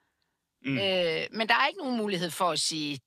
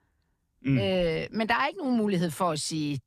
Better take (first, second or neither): second